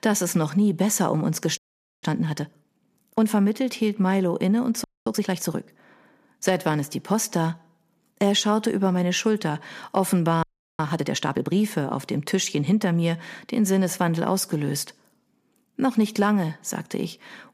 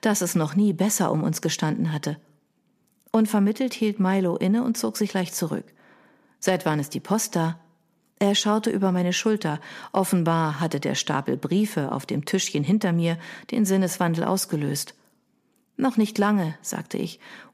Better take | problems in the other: second | audio freezing; at 1.5 s, at 5 s and at 10 s

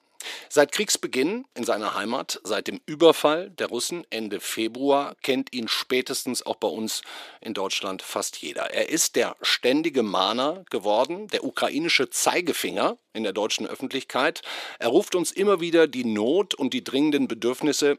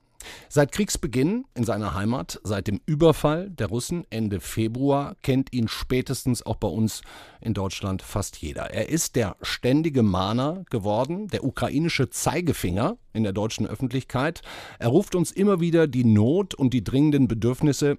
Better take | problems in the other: second | thin; somewhat; fading below 350 Hz

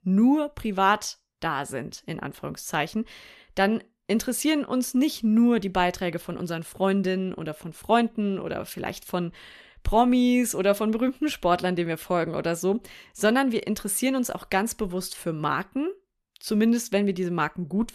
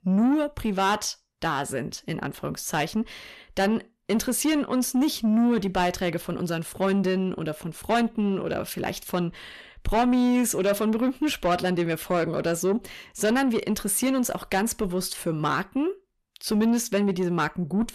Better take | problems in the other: first | distortion; slight; 10 dB below the speech

